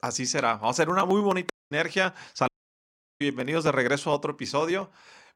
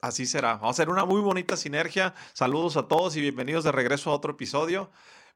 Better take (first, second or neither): second